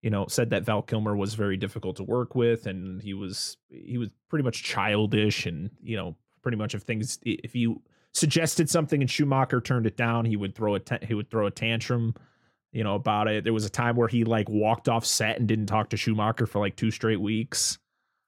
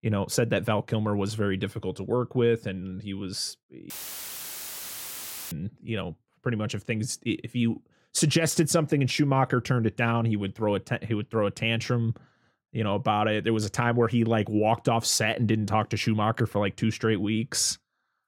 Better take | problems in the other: first | audio cutting out; filled with static; at 4 s for 1.5 s

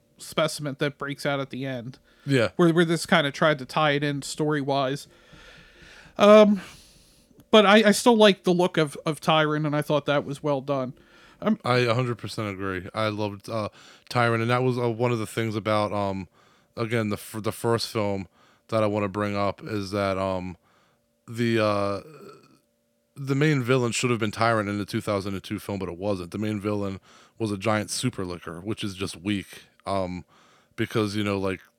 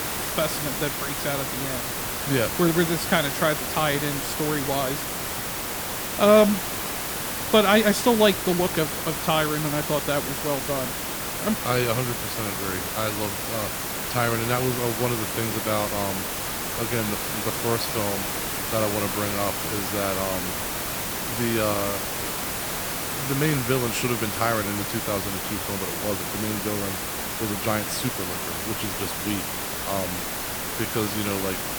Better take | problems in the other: first | hiss; loud; throughout; 1 dB below the speech

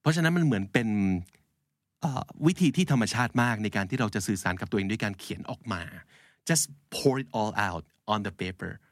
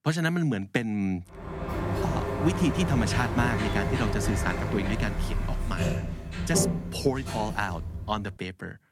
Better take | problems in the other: first | door banging; loud; from 1.5 to 8.5 s; peak 2 dB above the speech

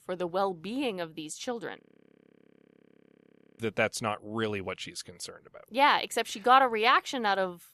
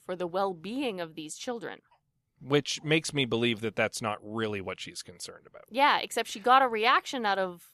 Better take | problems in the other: second | audio freezing; at 2 s for 2 s

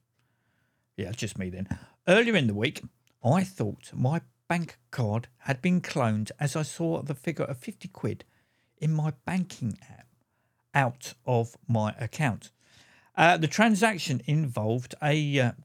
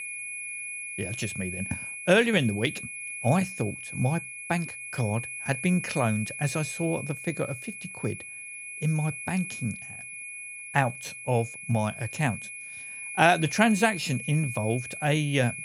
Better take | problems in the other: first | high-pitched whine; loud; throughout; 2.5 kHz, 8 dB below the speech

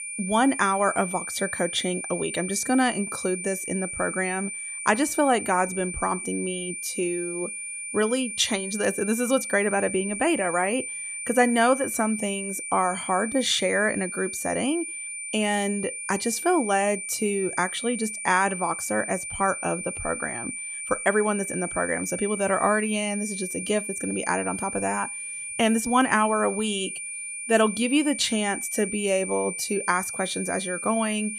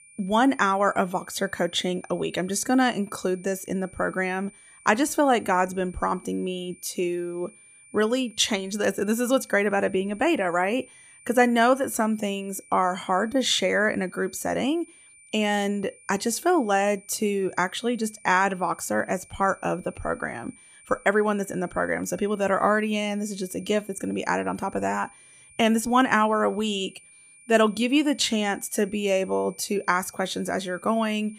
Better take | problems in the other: second | high-pitched whine; loud; throughout; 2.5 kHz, 6 dB below the speech; faint in the second

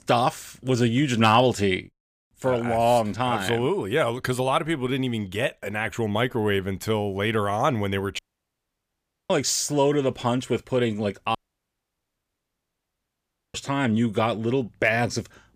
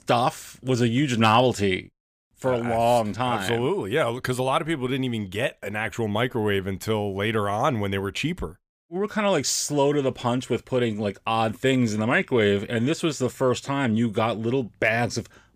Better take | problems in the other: second | audio cutting out; at 8 s for 1 s and at 11 s for 2 s

